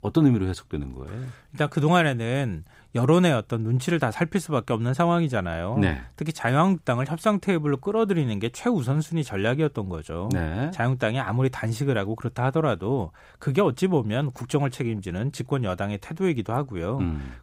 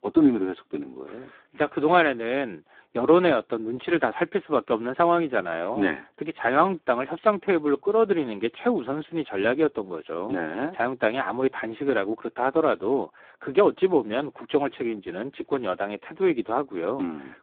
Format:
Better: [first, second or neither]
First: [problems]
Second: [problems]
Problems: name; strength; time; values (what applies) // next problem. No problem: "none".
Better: first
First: none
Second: phone-call audio; poor line